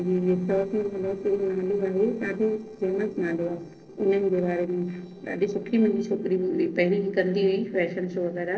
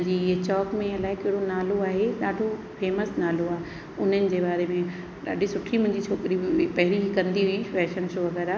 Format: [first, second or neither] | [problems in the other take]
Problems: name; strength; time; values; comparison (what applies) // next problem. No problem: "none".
second | noise reduction (neural separator model SepFormer DNS4)